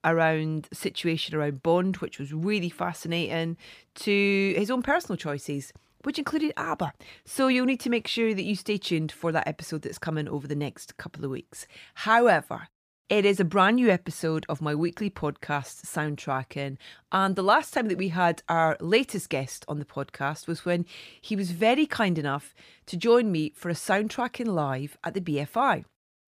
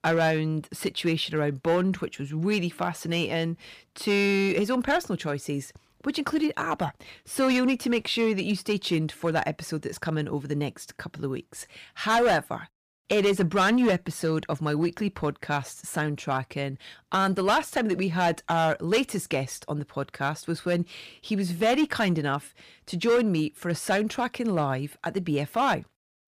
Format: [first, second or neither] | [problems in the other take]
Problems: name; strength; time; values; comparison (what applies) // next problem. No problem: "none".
first | distortion; slight; 4% of the sound clipped